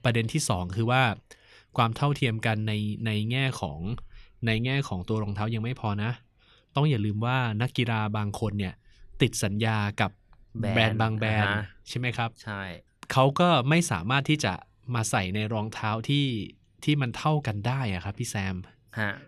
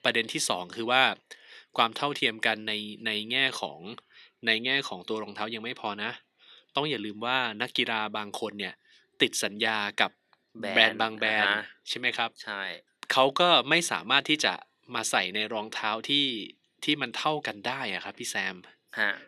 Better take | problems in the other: first | thin; somewhat; fading below 300 Hz

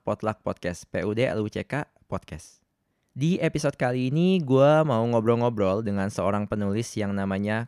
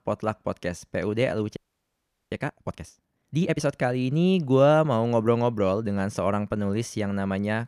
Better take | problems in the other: first | audio freezing; at 1.5 s for 1 s

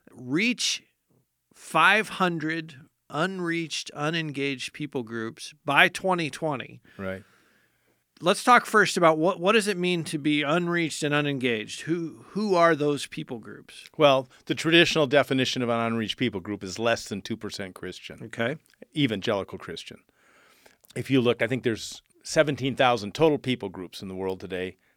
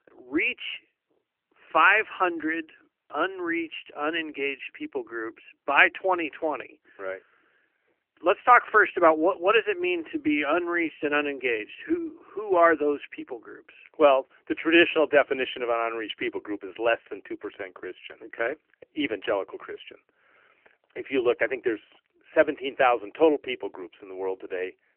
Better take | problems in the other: first | phone-call audio; nothing above 3 kHz

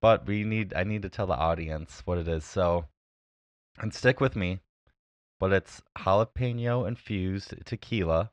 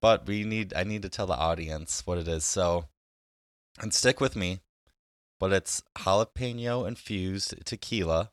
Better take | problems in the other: second | muffled; very; fading above 2 kHz

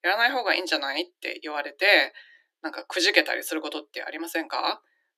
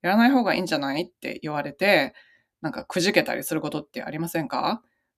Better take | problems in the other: second | thin; very; fading below 300 Hz

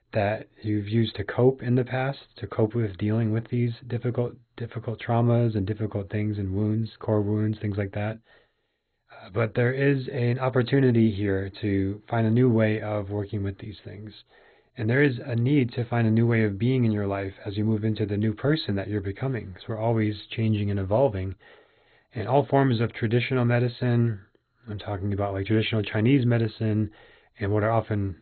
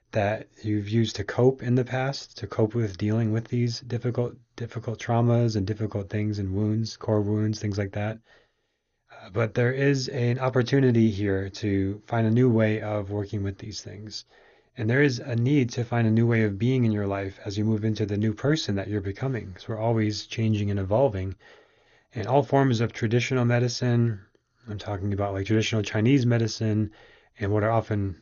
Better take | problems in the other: second | garbled, watery; badly; nothing above 4 kHz; slightly in the second

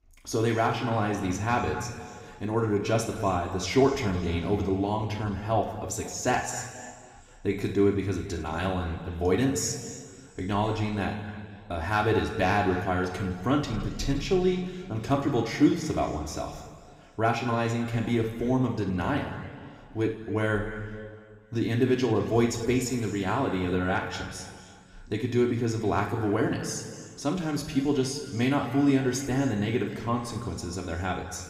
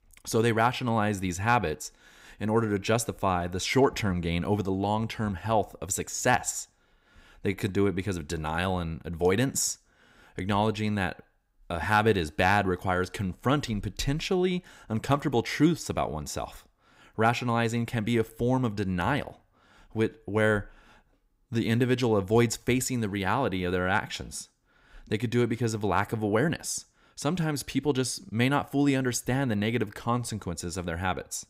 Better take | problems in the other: second | room echo; noticeable; dies away in 1.9 s // off-mic speech; somewhat distant

